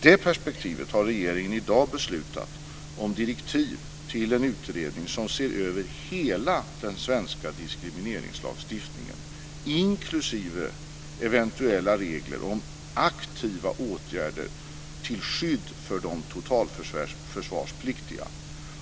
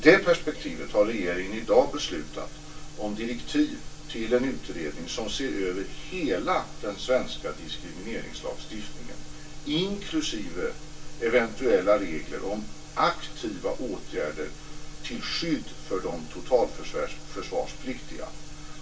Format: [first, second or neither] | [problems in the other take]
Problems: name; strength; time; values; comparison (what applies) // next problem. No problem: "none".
first | room echo; dies away in 0.2 s